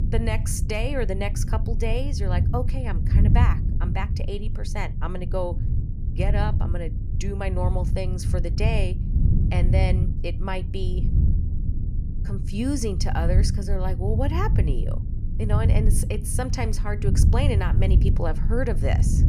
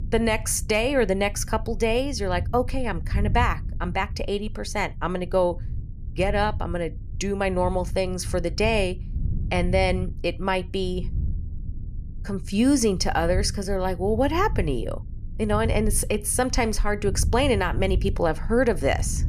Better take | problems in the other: second | low rumble; loud; throughout; 7 dB below the speech; faint in the second

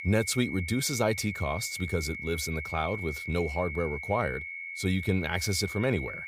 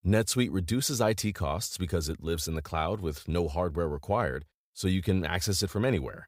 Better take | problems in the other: second | high-pitched whine; loud; throughout; 2 kHz, 7 dB below the speech

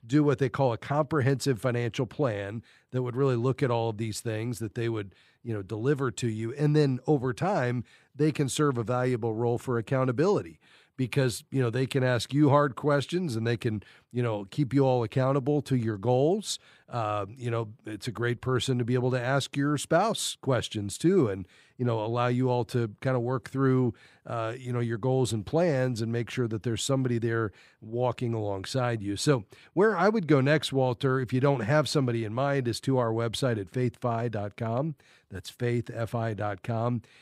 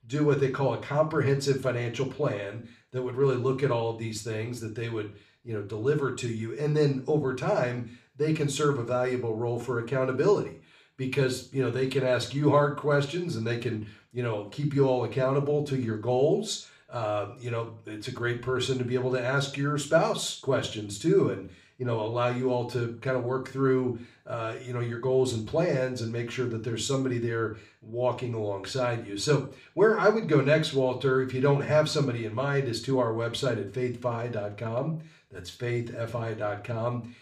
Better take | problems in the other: first | room echo; slight; dies away in 0.4 s // off-mic speech; somewhat distant

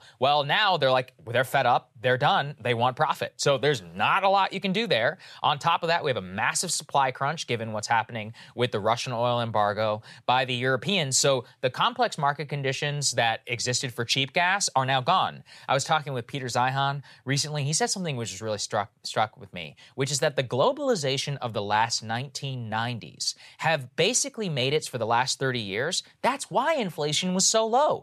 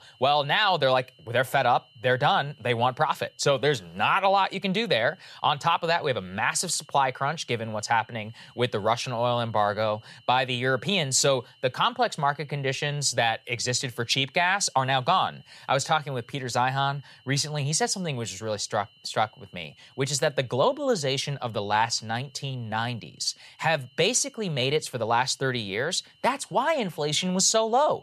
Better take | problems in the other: first | high-pitched whine; faint; throughout; 3 kHz, 30 dB below the speech

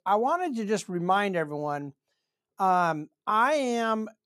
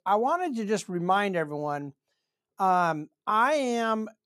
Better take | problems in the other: neither | none

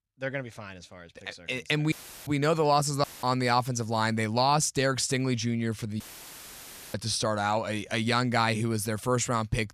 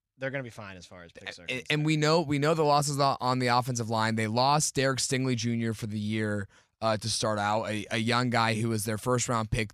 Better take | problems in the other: second | audio cutting out; filled with static; at 2 s, at 3 s and at 6 s for 1 s

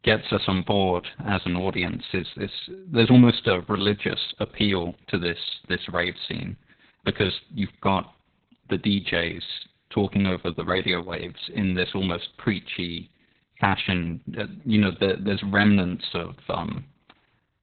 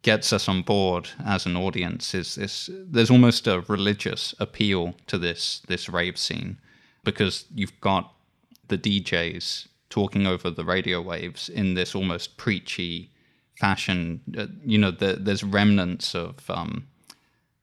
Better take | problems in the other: second | garbled, watery; badly; nothing above 4 kHz

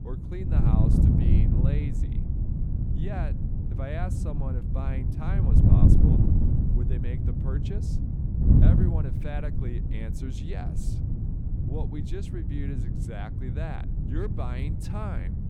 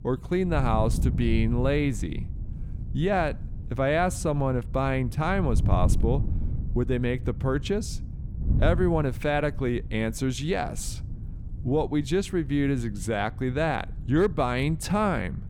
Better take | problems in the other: second | wind noise on the microphone; heavy; 3 dB above the speech; occasional gusts in the second

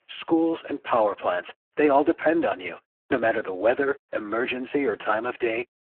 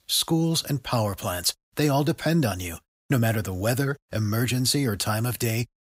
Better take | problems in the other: second | phone-call audio; poor line

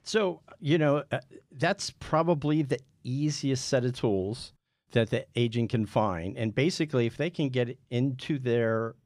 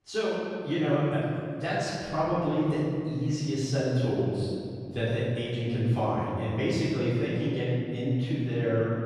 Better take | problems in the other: first | off-mic speech; far // room echo; strong; dies away in 2.3 s

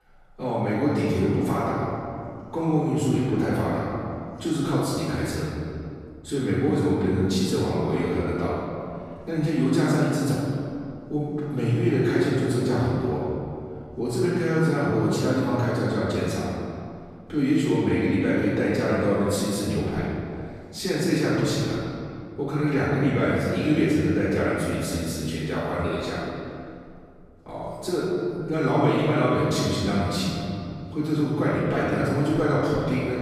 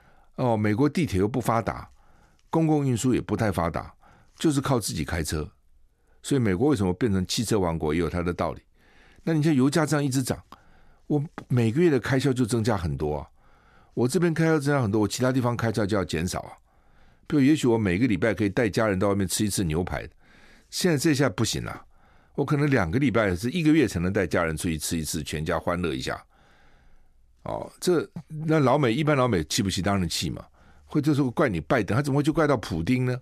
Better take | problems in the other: second | off-mic speech; far // room echo; strong; dies away in 2.2 s

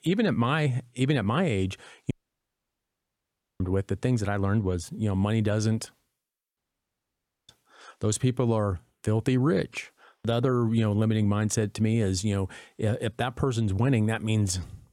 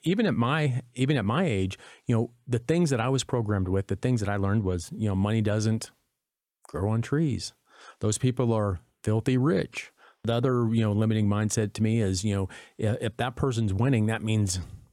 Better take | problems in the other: second | audio cutting out; at 2 s for 1.5 s and at 6.5 s for 1 s

